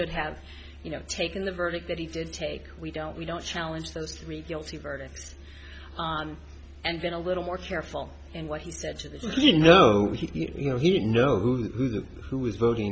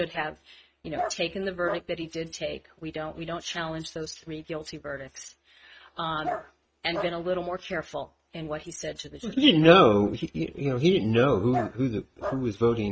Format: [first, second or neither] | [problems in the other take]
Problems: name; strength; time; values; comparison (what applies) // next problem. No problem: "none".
first | noise reduction (neural mask model RNNoise)